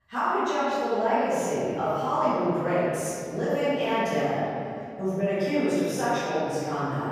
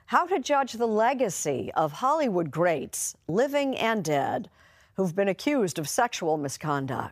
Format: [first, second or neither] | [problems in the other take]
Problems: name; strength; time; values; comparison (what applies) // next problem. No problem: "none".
second | off-mic speech; far // room echo; strong; dies away in 2.5 s